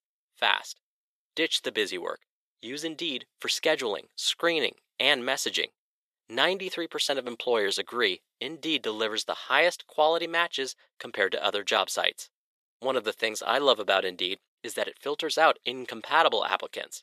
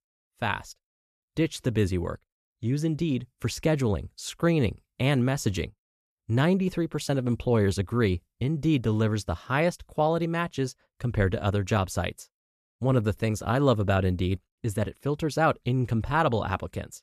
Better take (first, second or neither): second